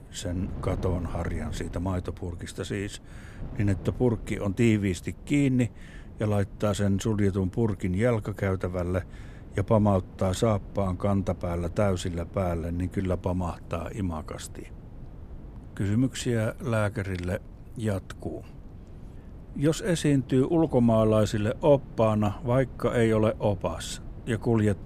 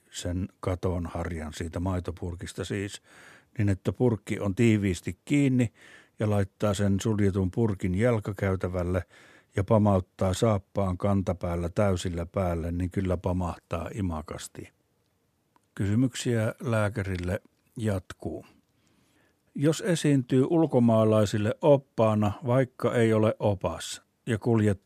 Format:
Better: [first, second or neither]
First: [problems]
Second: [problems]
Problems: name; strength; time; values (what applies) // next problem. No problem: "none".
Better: second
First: wind noise on the microphone; occasional gusts; 20 dB below the speech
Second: none